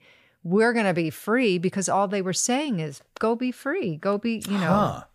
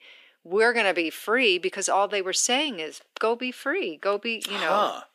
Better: first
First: none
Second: thin; somewhat; fading below 300 Hz

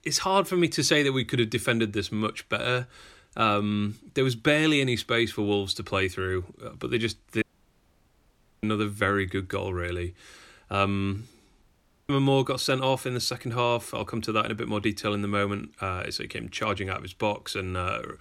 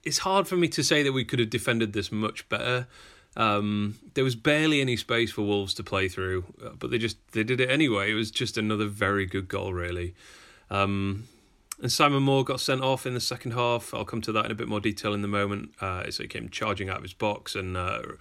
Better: second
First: audio cutting out; at 7.5 s for 1 s and at 12 s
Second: none

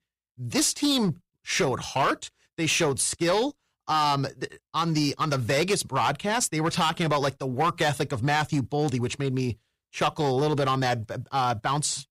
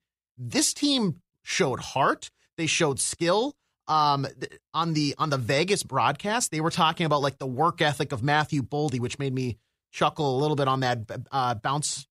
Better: second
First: distortion; slight; 7% of the sound clipped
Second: none

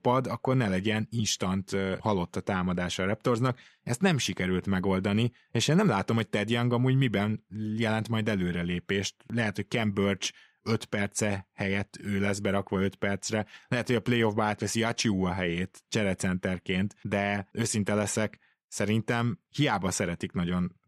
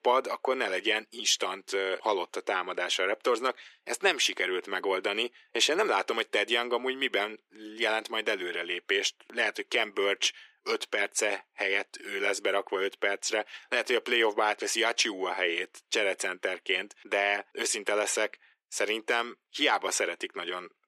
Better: first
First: none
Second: thin; very; fading below 350 Hz

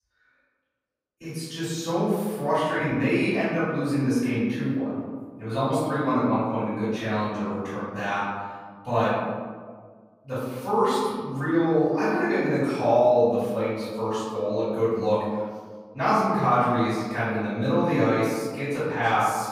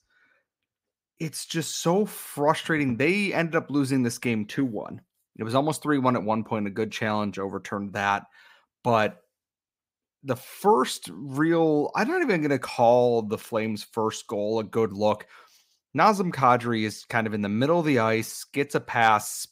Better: second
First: off-mic speech; far // room echo; strong; dies away in 1.5 s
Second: none

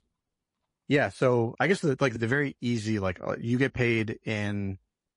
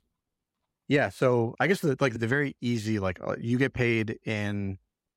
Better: second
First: garbled, watery; slightly; nothing above 10.5 kHz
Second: none

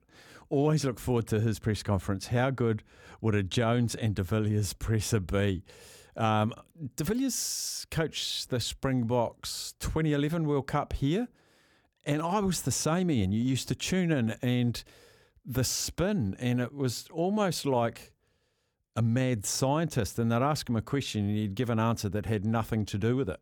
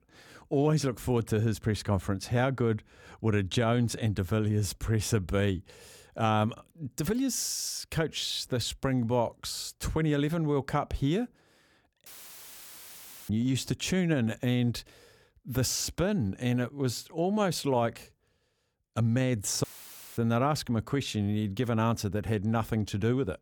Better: first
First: none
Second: audio cutting out; filled with static; at 12 s for 1 s and at 20 s for 0.5 s

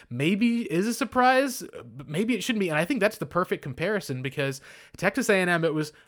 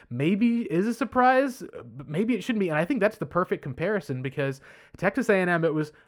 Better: first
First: none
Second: muffled; slightly; fading above 2.5 kHz

